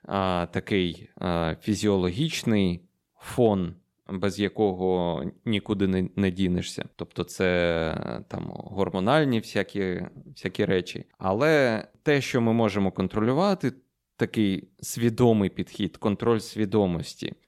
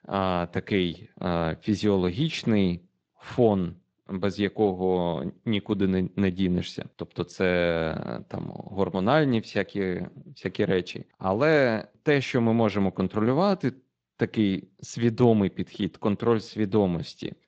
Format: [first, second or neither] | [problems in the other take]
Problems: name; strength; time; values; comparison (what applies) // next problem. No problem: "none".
first | garbled, watery; slightly